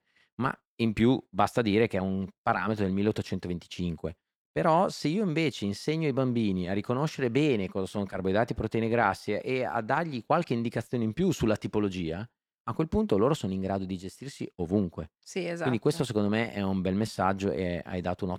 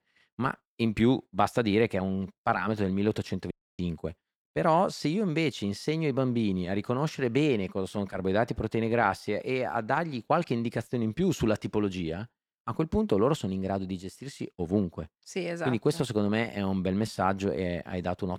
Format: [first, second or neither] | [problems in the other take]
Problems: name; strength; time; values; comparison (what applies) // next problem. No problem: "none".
first | audio cutting out; at 3.5 s